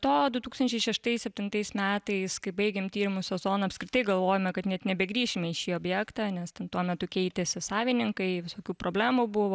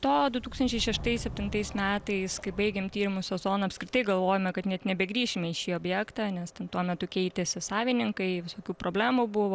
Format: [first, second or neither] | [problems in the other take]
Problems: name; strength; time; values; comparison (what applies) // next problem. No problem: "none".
first | background sound (Subway, metro, underground); 16 dB below the speech